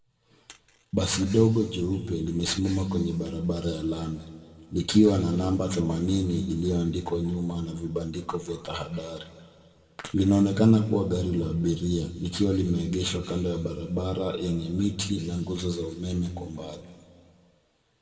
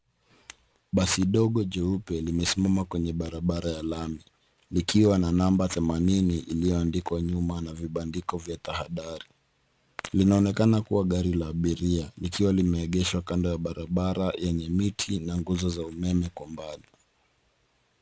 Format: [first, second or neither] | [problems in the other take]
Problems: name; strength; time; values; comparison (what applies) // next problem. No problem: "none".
second | room echo; dies away in 1.8 s